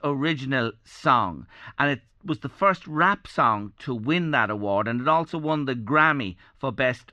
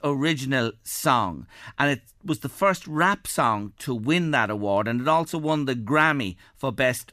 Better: second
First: muffled; slightly; fading above 4 kHz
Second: none

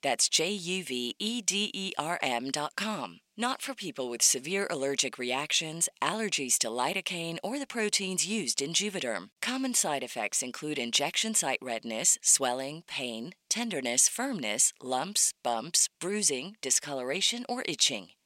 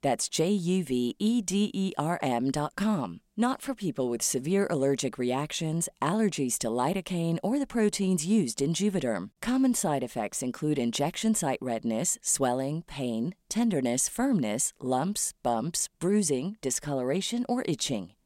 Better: second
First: thin; very slightly; fading below 650 Hz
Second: none

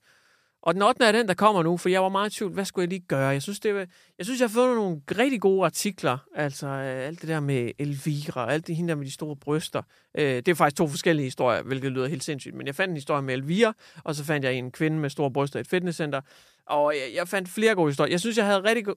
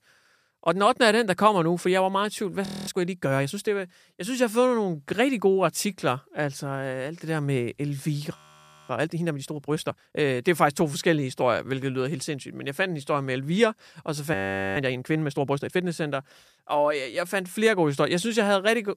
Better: first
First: none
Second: audio freezing; at 2.5 s, at 8.5 s for 0.5 s and at 14 s

